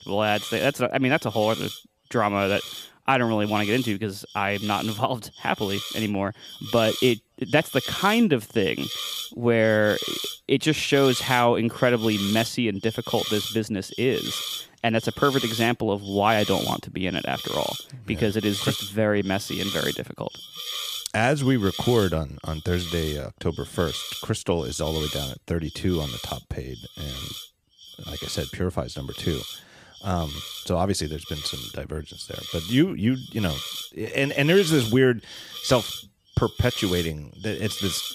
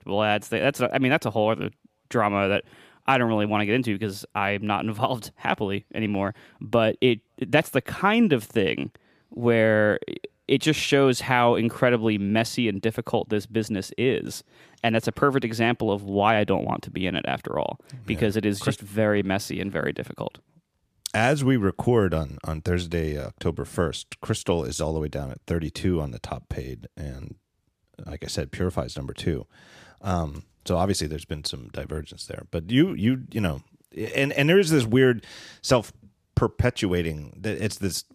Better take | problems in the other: second | hiss; loud; throughout; 8 dB below the speech

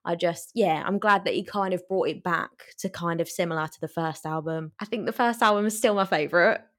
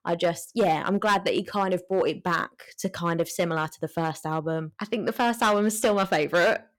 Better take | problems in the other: first | distortion; slight; 4% of the sound clipped

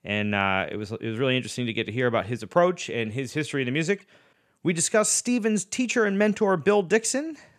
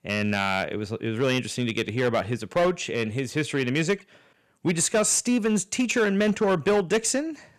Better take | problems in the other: first | distortion; slight; 7% of the sound clipped

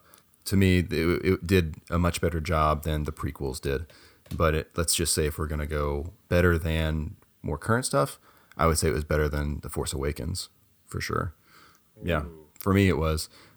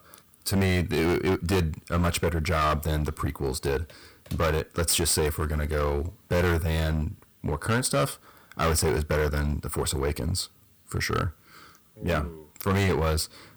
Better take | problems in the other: first | distortion; heavy; 12% of the sound clipped

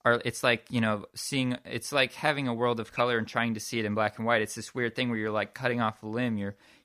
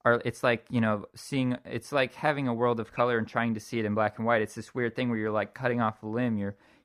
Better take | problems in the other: first | muffled; slightly; fading above 2 kHz

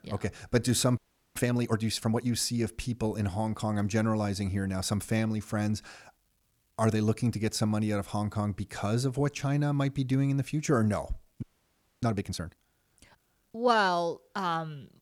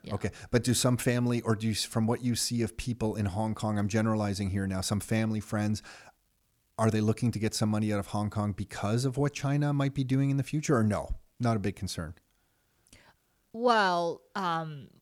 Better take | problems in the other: second | audio freezing; at 1 s and at 11 s for 0.5 s

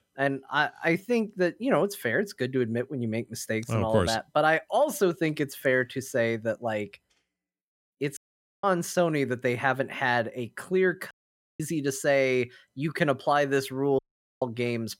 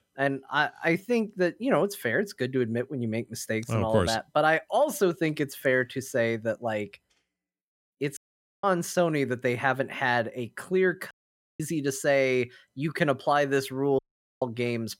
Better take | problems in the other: neither | audio cutting out; at 8 s, at 11 s and at 14 s; the same in both

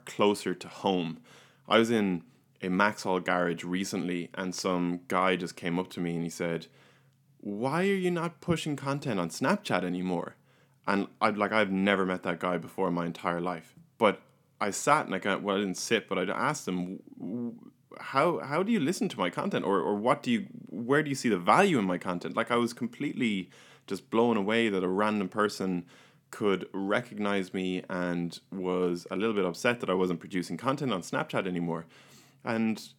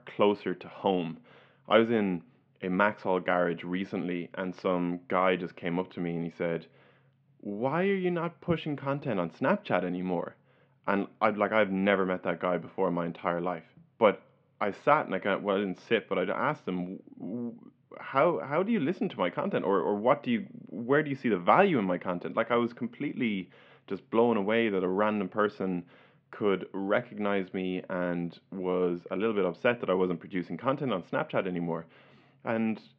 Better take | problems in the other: first | muffled; very; fading above 3 kHz

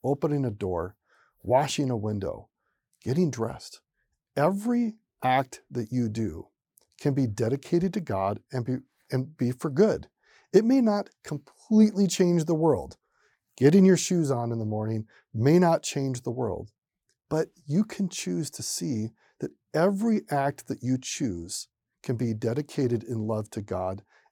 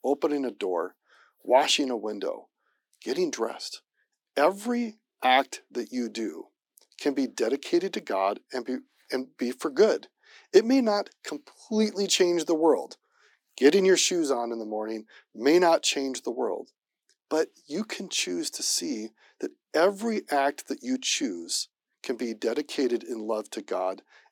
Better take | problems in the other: first | thin; somewhat; fading below 250 Hz

